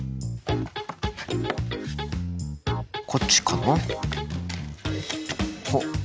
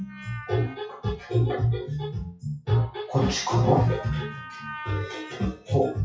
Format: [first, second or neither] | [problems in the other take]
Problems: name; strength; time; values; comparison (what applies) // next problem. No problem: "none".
first | noise reduction (classical method WPE with log-MMSE)